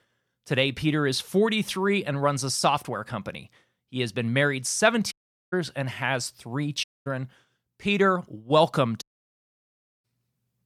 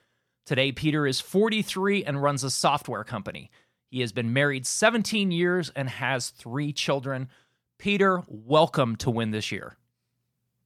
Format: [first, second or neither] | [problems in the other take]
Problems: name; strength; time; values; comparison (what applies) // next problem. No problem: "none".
second | audio cutting out; at 5 s, at 7 s and at 9 s for 1 s